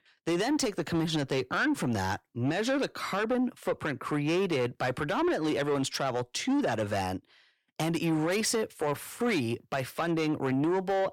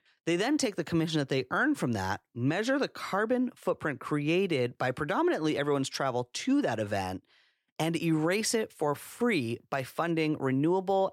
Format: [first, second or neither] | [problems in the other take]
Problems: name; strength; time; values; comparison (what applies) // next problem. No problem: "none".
second | distortion; slight; 10 dB below the speech